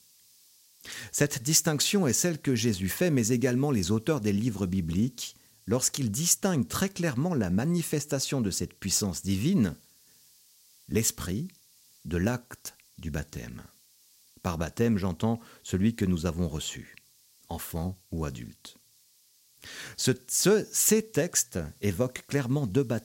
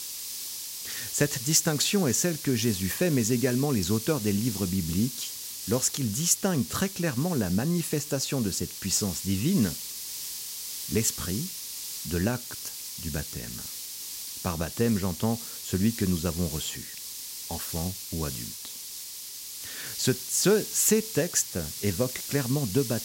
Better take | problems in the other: first | hiss; loud; throughout; 7 dB below the speech; faint in the first

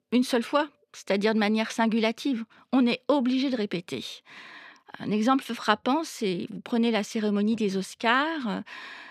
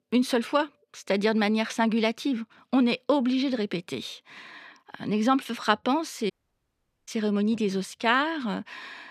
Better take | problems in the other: first | audio cutting out; at 6.5 s for 1 s

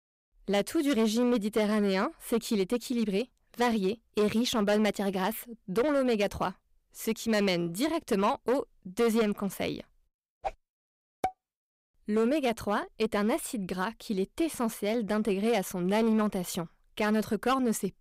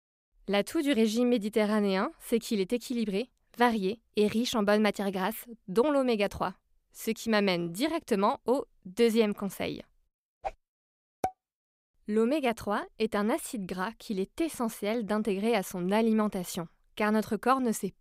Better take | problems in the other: second | distortion; slight; 6% of the sound clipped

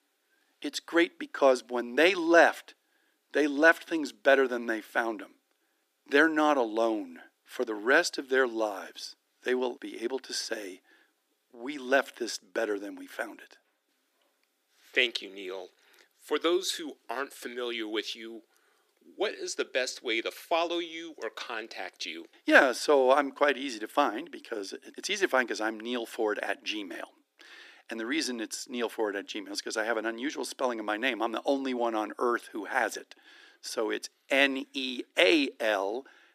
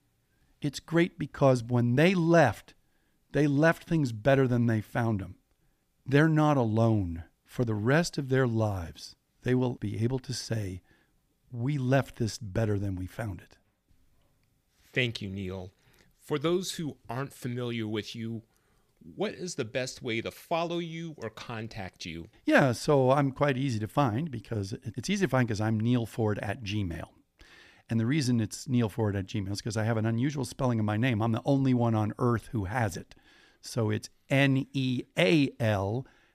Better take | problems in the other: second | thin; somewhat; fading below 300 Hz

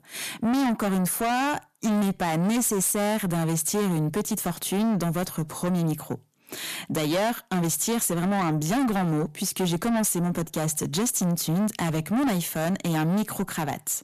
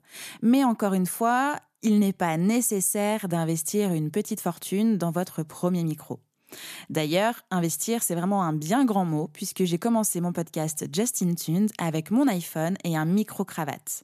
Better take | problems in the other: second | distortion; heavy; 7 dB below the speech

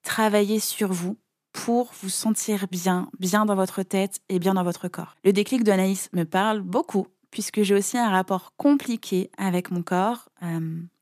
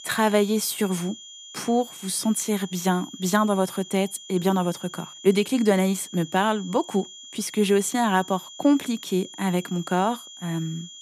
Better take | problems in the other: first | high-pitched whine; noticeable; throughout; 3.5 kHz, 15 dB below the speech

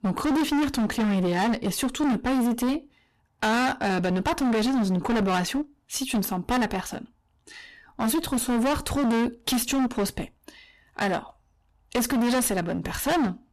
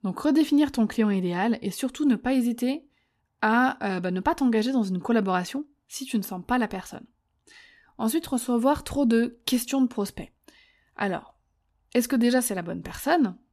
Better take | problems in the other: second | distortion; heavy; 26% of the sound clipped

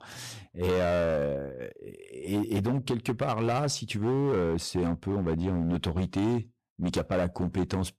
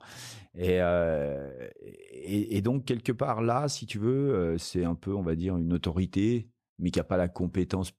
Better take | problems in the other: second | distortion; slight; 14% of the sound clipped

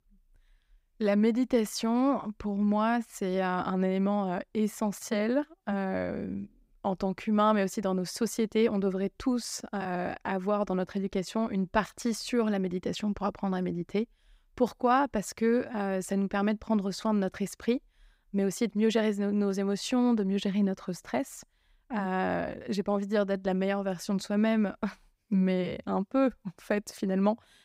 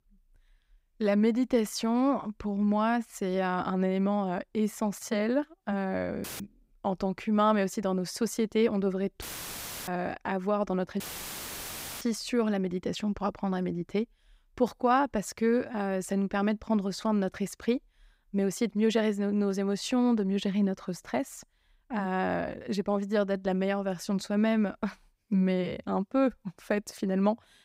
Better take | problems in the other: first | audio cutting out; filled with static; at 6 s, at 9 s for 0.5 s and at 11 s for 1 s

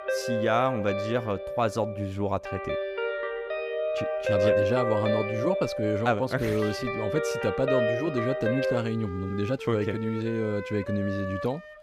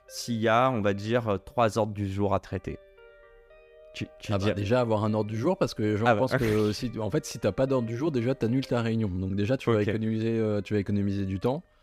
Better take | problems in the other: second | background music; loud; throughout; 2 dB below the speech; faint in the second

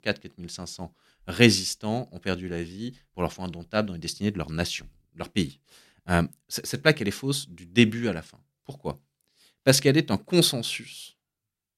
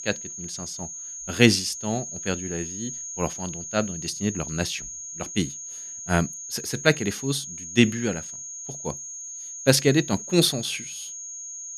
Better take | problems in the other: first | high-pitched whine; loud; throughout; 6.5 kHz, 9 dB below the speech

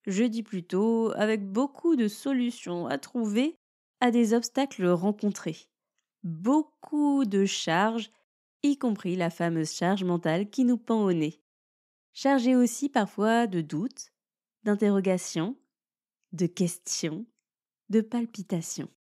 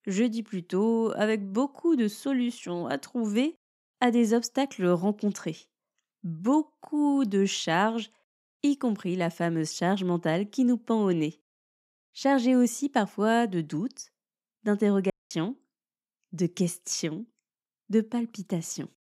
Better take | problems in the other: first | audio cutting out; at 15 s

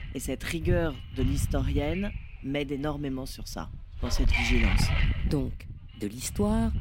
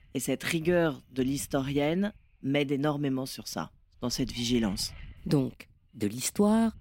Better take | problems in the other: second | wind noise on the microphone; heavy; as loud as the speech; occasional gusts in the second

